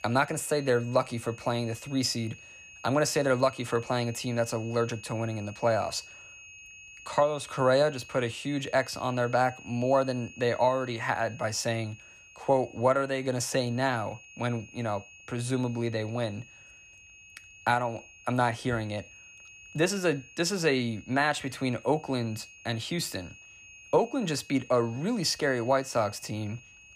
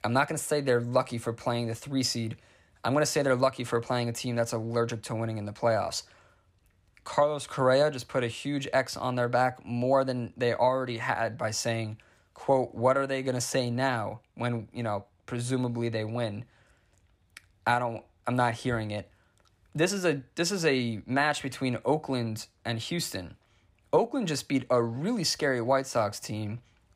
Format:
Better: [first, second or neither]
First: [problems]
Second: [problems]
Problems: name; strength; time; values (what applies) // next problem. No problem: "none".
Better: second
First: high-pitched whine; noticeable; throughout; 2.5 kHz, 20 dB below the speech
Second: none